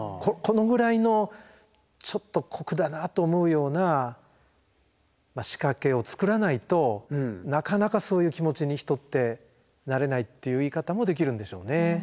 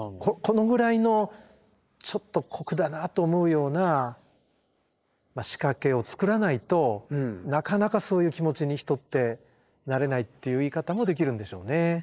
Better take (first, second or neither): first